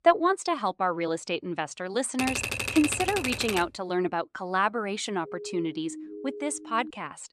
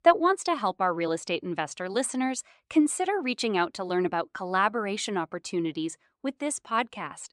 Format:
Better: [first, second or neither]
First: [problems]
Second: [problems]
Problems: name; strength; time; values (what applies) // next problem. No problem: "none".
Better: second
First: keyboard typing; noticeable; from 2 to 3.5 s; peak level with the speech // siren; faint; from 5 s on; peak 10 dB below the speech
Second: none